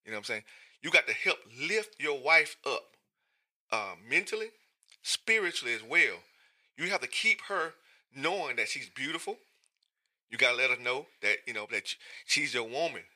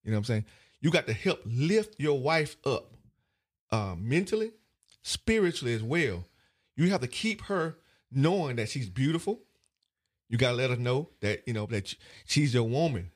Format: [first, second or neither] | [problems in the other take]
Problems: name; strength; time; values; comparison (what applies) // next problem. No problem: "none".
second | thin; very; fading below 600 Hz